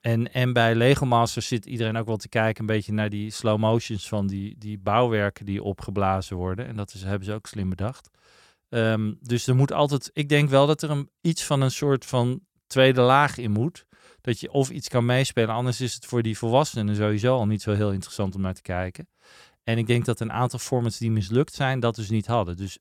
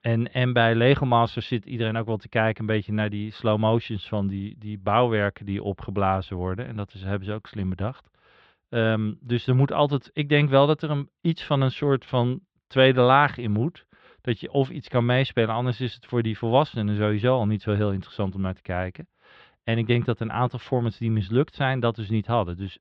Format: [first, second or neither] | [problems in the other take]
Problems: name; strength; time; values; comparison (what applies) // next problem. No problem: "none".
first | muffled; very; fading above 3.5 kHz